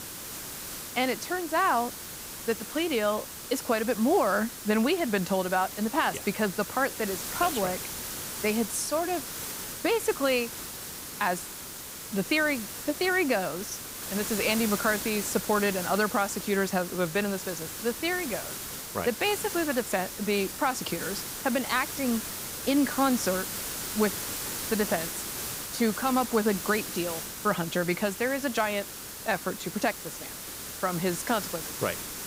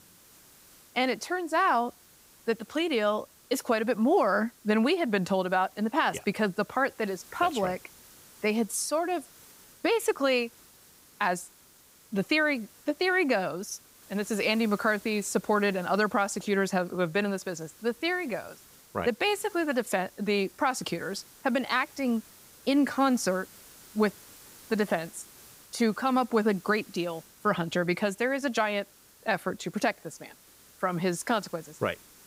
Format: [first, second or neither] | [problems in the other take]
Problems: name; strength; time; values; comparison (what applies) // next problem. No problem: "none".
second | hiss; loud; throughout; 6 dB below the speech; faint in the second